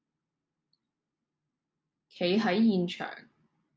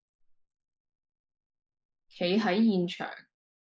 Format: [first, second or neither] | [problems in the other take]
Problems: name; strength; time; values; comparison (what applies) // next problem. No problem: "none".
first | noise reduction (neural mask model Resemble Enhance denoiser)